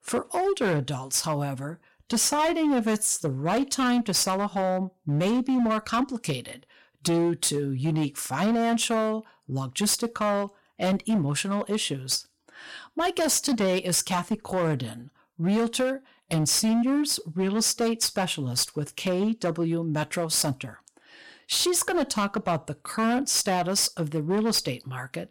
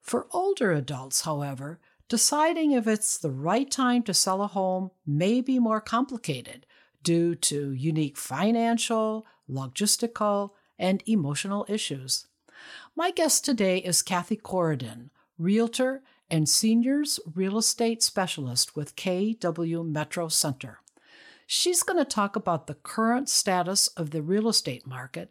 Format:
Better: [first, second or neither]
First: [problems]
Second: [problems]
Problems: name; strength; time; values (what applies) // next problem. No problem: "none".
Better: second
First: distortion; slight; 13% of the sound clipped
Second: none